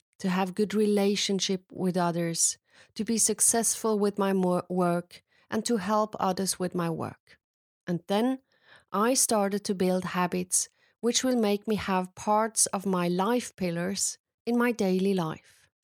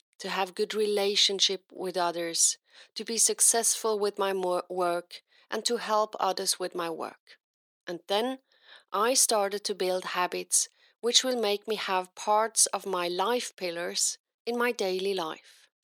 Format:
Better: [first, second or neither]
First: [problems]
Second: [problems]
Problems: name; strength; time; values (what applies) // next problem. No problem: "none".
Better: first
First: none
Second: thin; somewhat; fading below 350 Hz